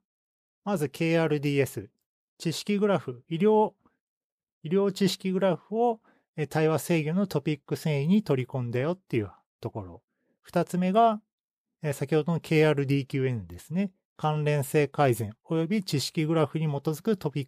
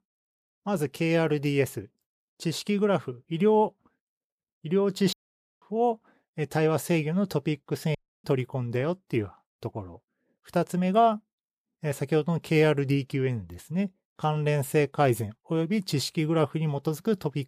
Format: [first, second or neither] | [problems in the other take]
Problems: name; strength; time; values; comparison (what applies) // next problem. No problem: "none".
first | audio cutting out; at 5 s and at 8 s